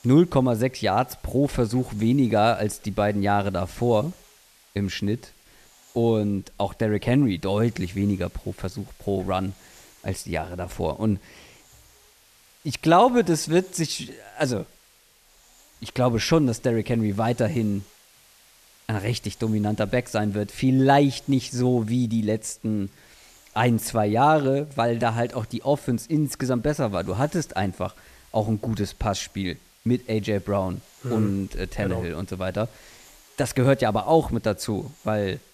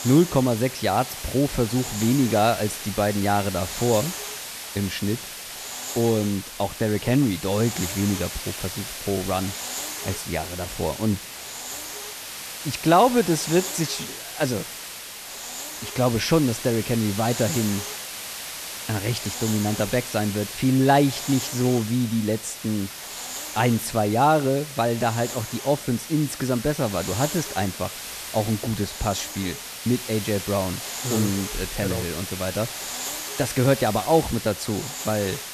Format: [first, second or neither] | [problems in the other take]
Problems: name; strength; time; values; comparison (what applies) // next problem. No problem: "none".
first | hiss; loud; throughout; 7 dB below the speech; faint in the first